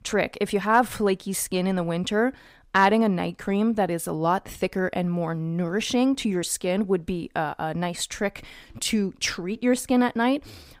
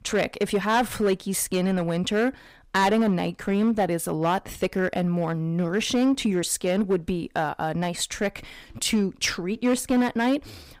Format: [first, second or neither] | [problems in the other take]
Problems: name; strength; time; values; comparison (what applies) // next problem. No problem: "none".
first | distortion; slight; 5% of the sound clipped